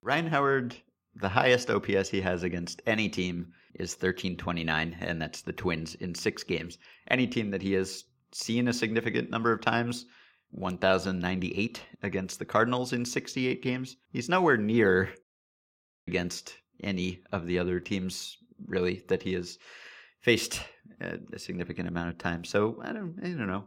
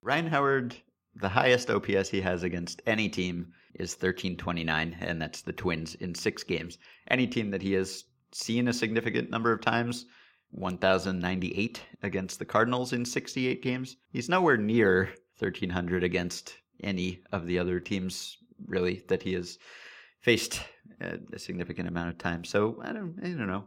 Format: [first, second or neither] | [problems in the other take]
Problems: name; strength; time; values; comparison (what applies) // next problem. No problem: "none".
second | audio cutting out; at 15 s for 1 s